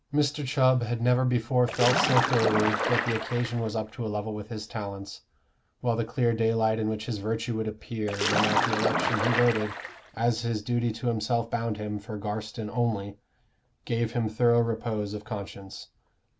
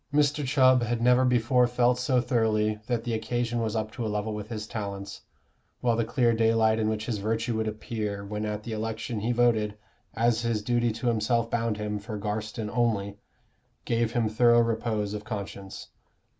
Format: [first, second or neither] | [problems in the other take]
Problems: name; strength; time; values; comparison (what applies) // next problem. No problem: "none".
second | background sound (Splash, splatter); 1 dB below the speech